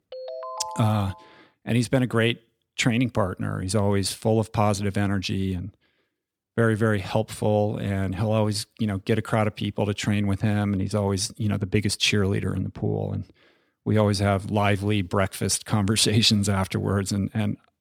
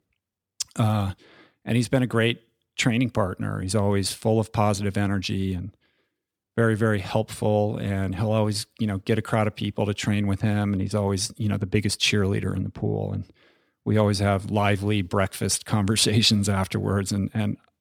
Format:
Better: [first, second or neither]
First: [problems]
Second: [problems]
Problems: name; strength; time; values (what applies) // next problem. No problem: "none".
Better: second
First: phone ringing; noticeable; until 1.5 s; peak 10 dB below the speech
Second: none